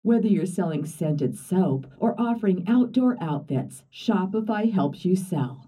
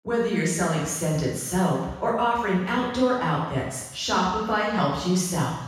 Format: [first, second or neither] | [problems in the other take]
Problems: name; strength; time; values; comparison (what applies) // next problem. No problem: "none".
first | room echo; strong; dies away in 1.1 s; slight in the first // off-mic speech; far; far in the first